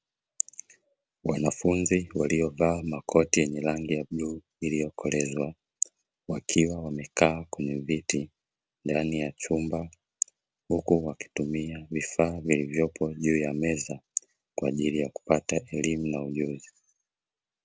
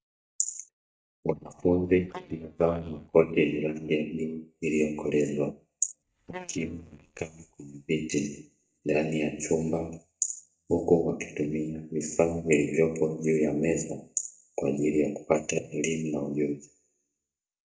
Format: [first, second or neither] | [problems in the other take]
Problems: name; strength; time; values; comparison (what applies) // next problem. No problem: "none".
first | noise reduction (neural mask model DeepFilterNet 3)